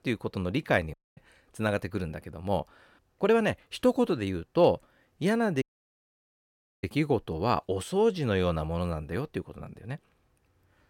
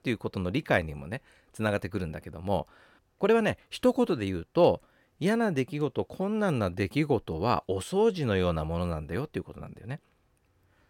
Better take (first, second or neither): second